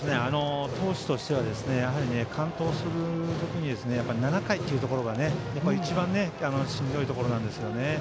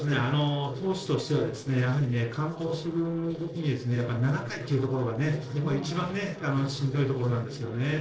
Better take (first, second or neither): first